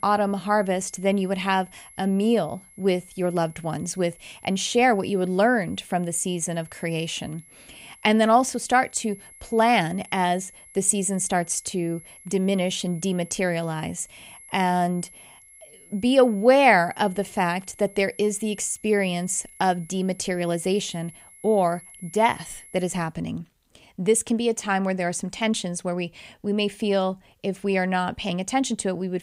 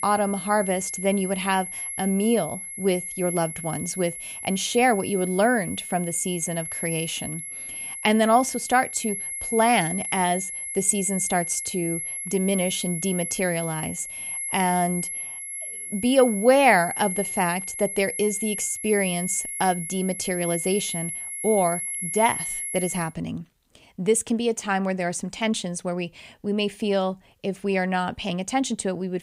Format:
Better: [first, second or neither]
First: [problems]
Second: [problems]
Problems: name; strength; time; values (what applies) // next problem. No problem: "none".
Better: first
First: high-pitched whine; faint; until 23 s; 11 kHz, 20 dB below the speech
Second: high-pitched whine; loud; until 23 s; 11 kHz, 5 dB below the speech